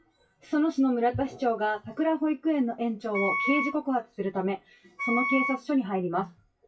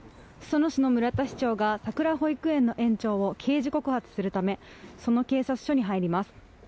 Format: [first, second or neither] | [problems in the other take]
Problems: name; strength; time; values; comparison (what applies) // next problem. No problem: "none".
second | noise reduction (classical method WPE with log-MMSE)